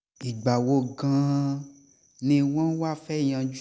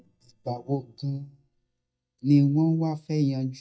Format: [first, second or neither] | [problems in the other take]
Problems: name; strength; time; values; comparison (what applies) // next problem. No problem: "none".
first | noise reduction (neural mask model DeepFilterNet 3)